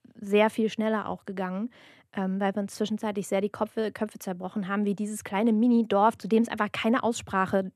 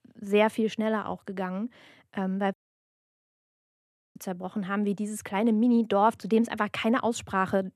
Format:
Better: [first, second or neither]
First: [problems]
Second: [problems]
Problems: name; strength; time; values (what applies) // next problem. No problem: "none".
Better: first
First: none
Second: audio cutting out; at 2.5 s for 1.5 s